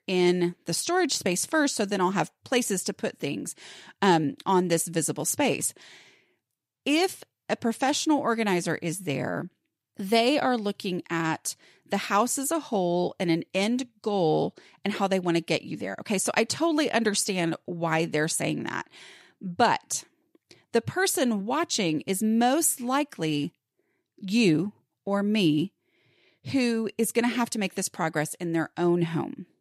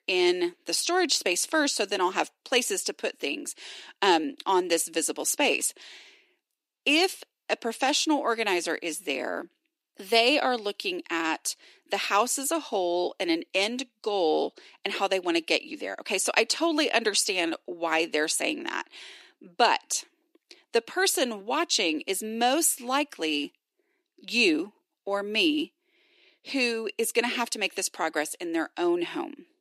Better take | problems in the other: first | thin; somewhat; fading below 300 Hz

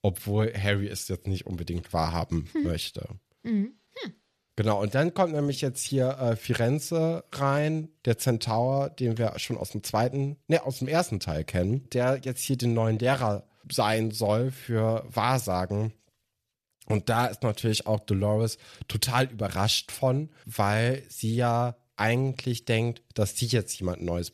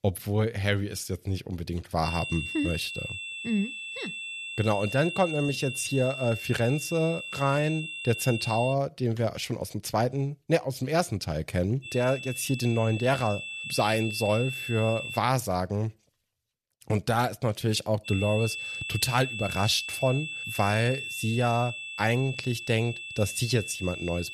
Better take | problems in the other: first | high-pitched whine; loud; from 2 to 8.5 s, from 12 to 15 s and from 18 s on; 2.5 kHz, 7 dB below the speech

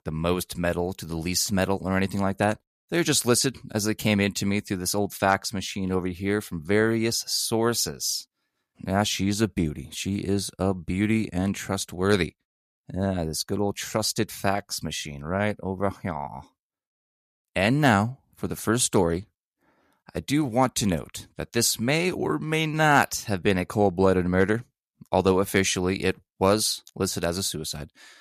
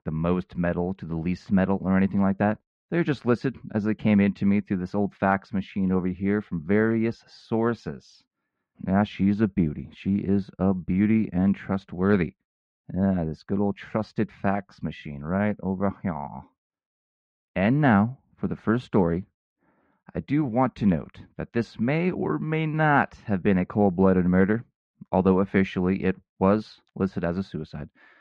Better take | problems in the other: first | muffled; very; fading above 2 kHz

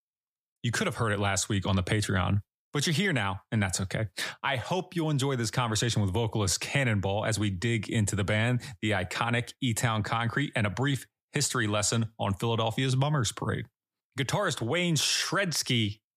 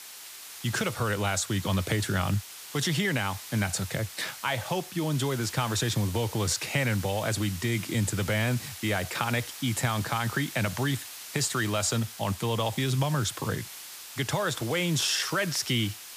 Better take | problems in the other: first | hiss; noticeable; throughout; 10 dB below the speech

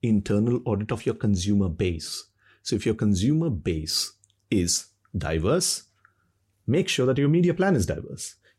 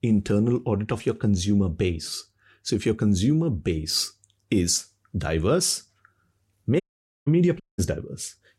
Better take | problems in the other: first | audio cutting out; at 7 s and at 7.5 s

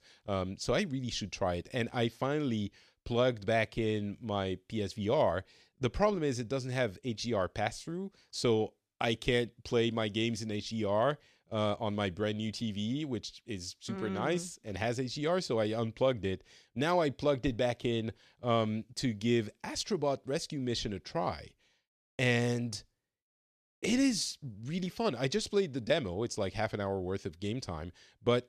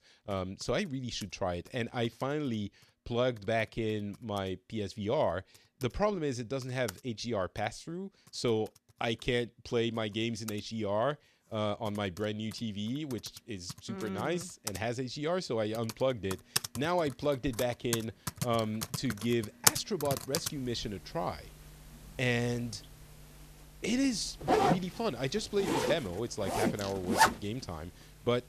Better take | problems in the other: first | household noises; very loud; throughout; 1 dB above the speech

